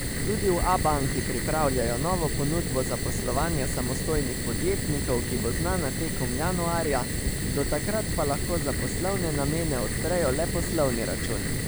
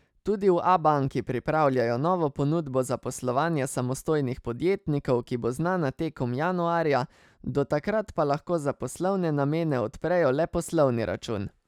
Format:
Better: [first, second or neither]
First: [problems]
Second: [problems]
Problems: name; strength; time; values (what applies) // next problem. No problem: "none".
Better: second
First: background sound (Fire); as loud as the speech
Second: none